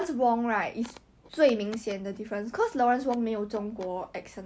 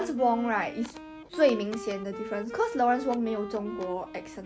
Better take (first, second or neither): first